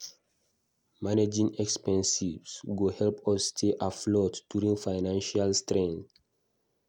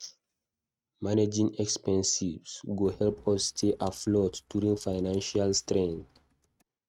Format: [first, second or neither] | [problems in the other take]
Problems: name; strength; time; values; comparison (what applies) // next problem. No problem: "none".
first | noise reduction (neural mask model RNNoise)